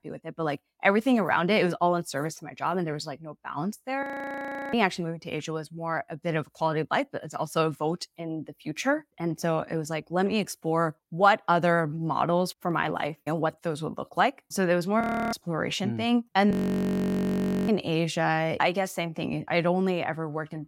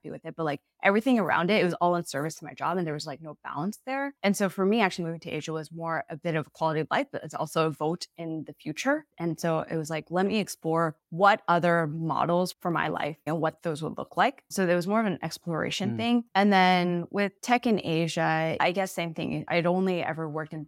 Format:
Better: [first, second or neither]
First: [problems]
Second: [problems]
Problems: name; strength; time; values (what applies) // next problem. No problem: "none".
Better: second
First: audio freezing; at 4 s for 0.5 s, at 15 s and at 17 s for 1 s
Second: none